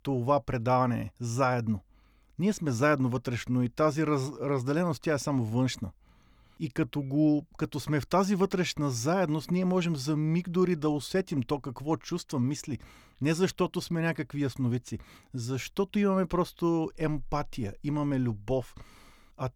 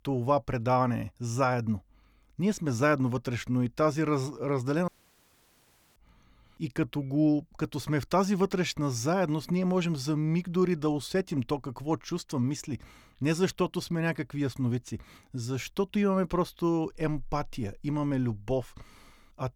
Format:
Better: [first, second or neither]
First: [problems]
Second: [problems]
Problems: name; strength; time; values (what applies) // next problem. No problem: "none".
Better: first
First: none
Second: audio cutting out; at 5 s for 1 s